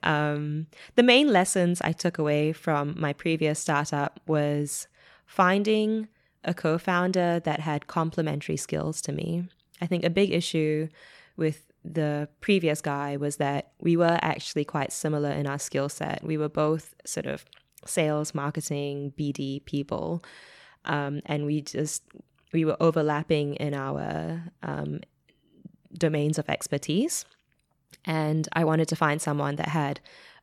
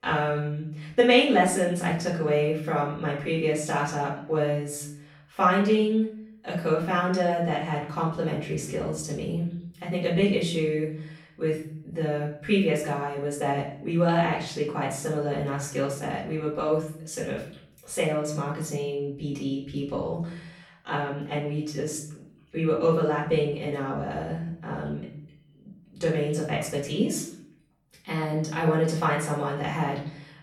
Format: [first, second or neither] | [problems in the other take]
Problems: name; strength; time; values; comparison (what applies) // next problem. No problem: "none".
first | off-mic speech; far // room echo; noticeable; dies away in 0.5 s